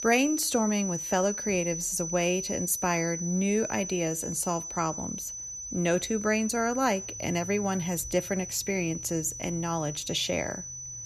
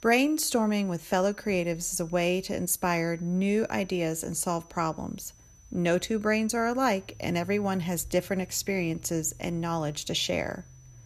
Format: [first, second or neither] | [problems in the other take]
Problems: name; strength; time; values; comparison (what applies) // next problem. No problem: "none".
second | high-pitched whine; loud; throughout; 6 kHz, 6 dB below the speech; faint in the second